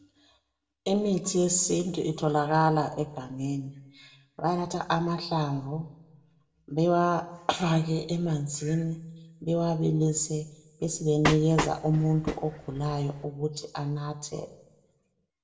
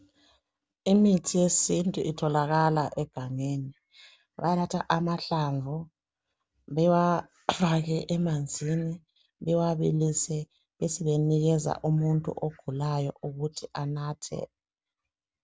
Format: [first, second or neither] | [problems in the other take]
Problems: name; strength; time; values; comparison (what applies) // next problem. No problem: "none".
second | background sound (Train); 5 dB below the speech // room echo; dies away in 0.6 s